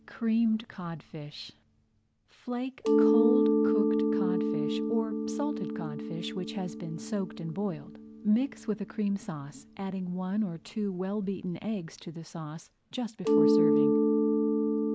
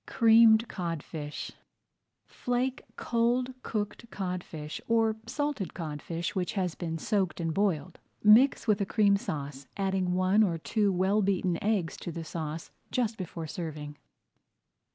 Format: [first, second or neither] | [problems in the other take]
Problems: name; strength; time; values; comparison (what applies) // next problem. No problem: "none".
second | background sound (Mallet percussion); 4 dB above the speech